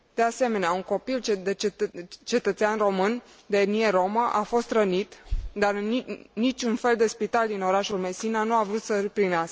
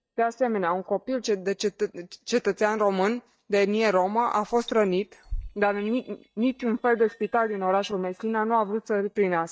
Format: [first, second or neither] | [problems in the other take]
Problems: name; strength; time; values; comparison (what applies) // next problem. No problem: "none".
first | noise reduction (neural mask model DeepFilterNet 3)